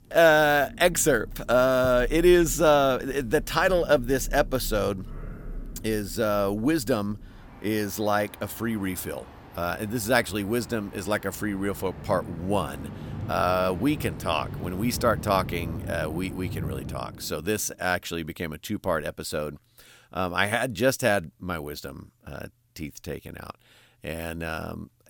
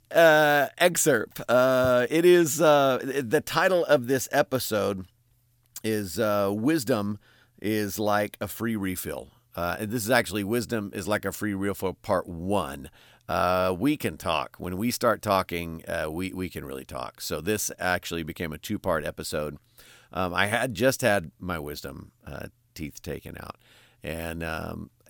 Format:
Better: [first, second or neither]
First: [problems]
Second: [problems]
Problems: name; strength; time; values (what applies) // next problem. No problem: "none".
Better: second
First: rain or running water; noticeable; until 17 s; 15 dB below the speech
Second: none